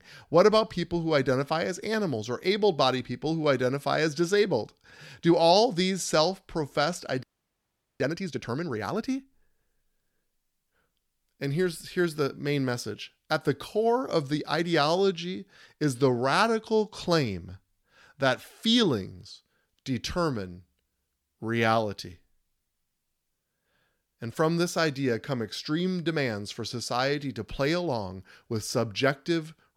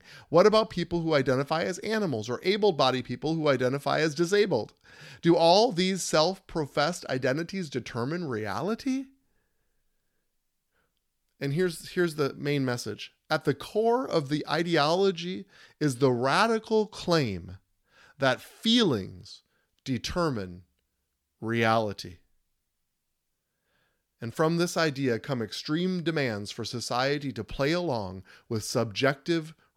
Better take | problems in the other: second | audio freezing; at 7 s for 1 s

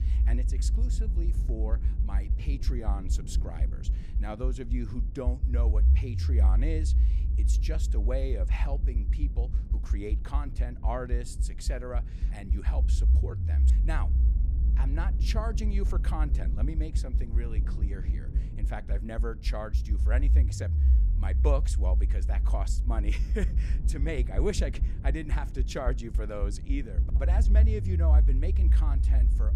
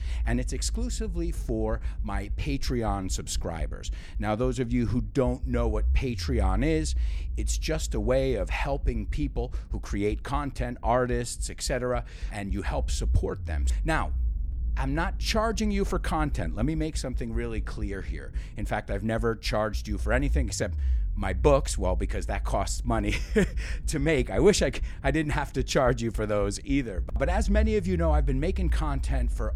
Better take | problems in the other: second | low rumble; loud; throughout; 8 dB below the speech; faint in the second

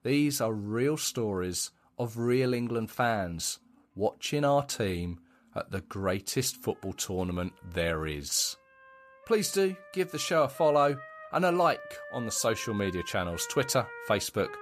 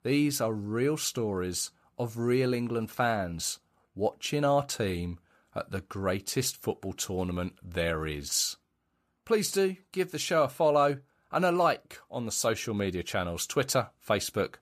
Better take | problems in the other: second | background music; noticeable; throughout; 15 dB below the speech

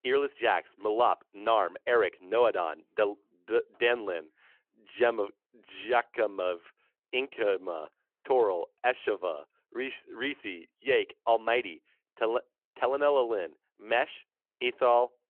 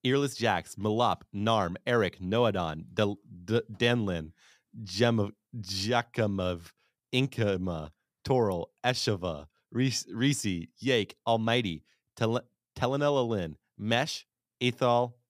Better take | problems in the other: second | phone-call audio

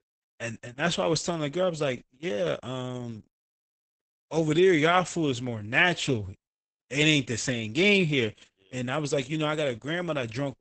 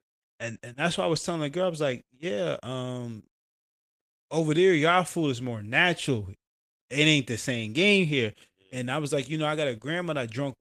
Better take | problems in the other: second | garbled, watery; badly; nothing above 8 kHz; slightly in the second

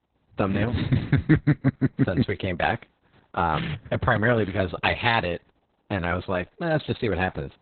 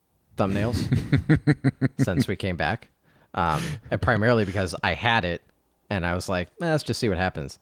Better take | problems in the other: second | garbled, watery; badly; nothing above 4 kHz; slightly in the second

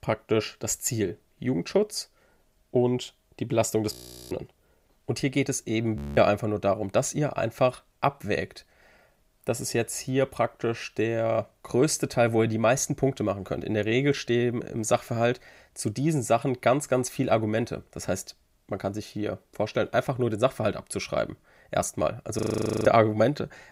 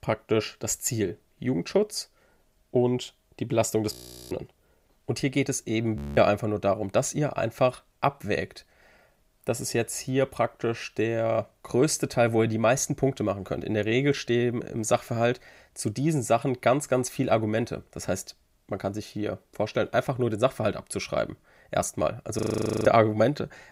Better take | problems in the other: neither | audio freezing; at 4 s, at 6 s and at 22 s; the same in both

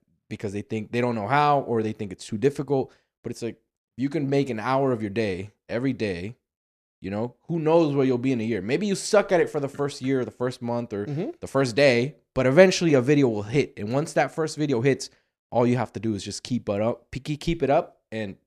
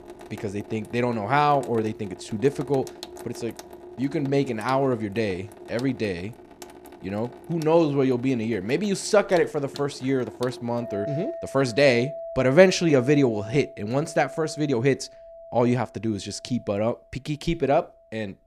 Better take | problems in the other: first | household noises; noticeable; throughout; 15 dB below the speech

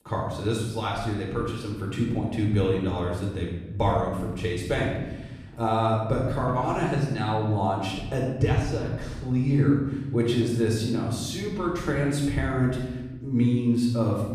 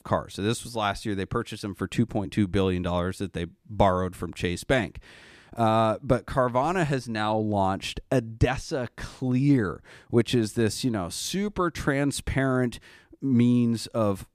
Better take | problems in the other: second | off-mic speech; far // room echo; noticeable; dies away in 1.5 s

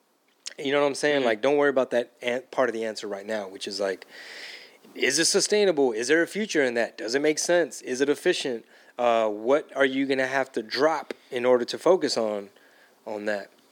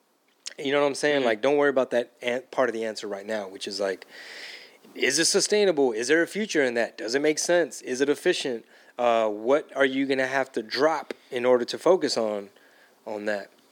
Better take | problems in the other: neither | thin; somewhat; fading below 300 Hz; the same in both

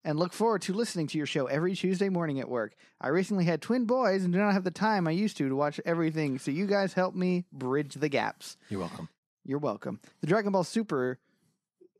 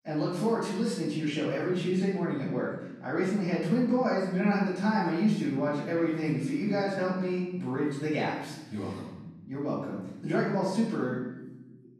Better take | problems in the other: first | off-mic speech; far // room echo; noticeable; dies away in 1.2 s

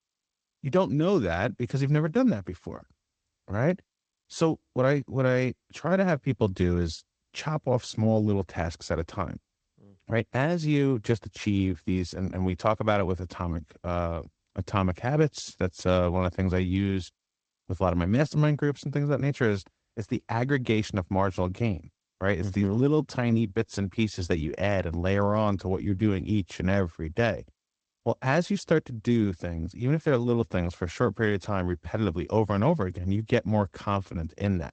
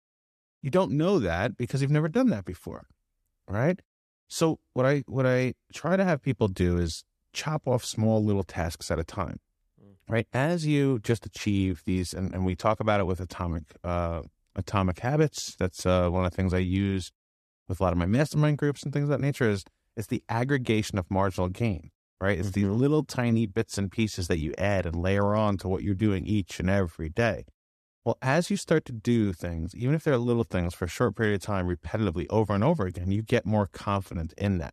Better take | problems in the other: second | garbled, watery; slightly; nothing above 8 kHz

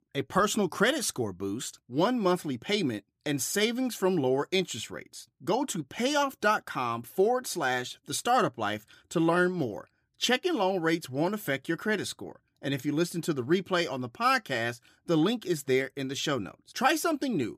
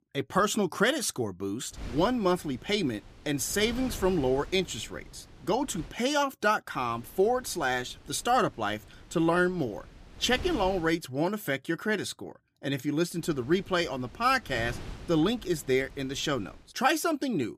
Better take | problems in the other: first | wind noise on the microphone; occasional gusts; from 2 to 6 s, from 7 to 11 s and from 13 to 17 s; 20 dB below the speech

